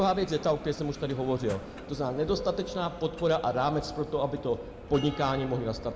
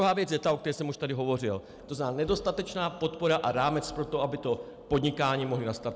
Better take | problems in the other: second | background sound (Bell); 13 dB below the speech // room echo; dies away in 1.1 s

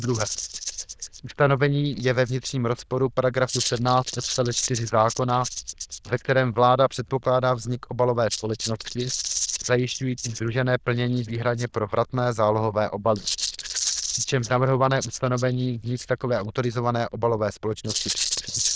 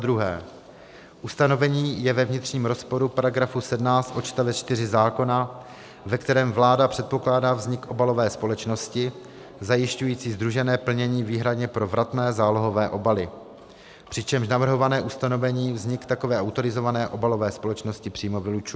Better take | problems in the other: second | noise reduction (neural diffusion model UNIVERSE++)

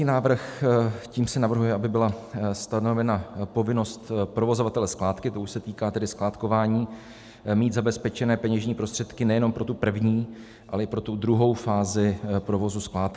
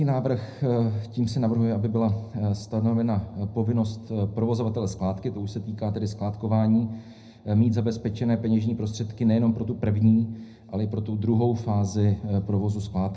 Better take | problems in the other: first | room echo; dies away in 0.4 s

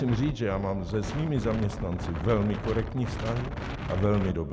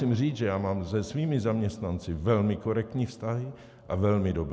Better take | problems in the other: second | background sound (Wind); 7 dB below the speech

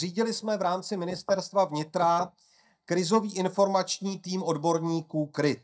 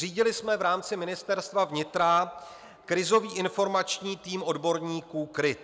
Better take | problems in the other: second | noise reduction (neural mask model DeepFilterNet 3)

